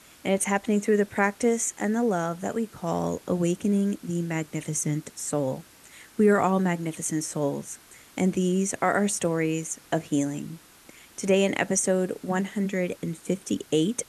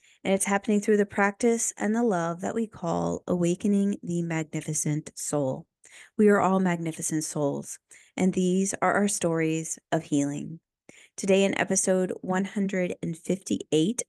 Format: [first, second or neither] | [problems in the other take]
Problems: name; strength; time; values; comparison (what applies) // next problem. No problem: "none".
second | hiss; faint; throughout; 25 dB below the speech